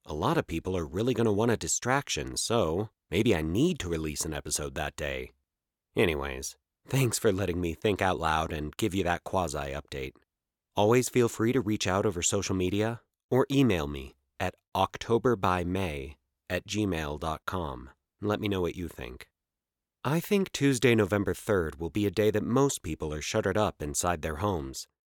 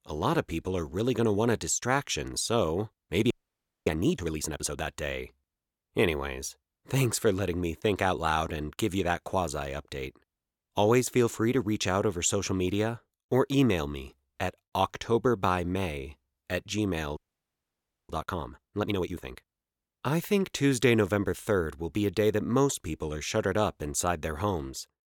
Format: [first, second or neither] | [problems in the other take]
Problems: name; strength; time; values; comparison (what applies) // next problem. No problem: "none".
first | audio freezing; at 3.5 s for 0.5 s and at 17 s for 1 s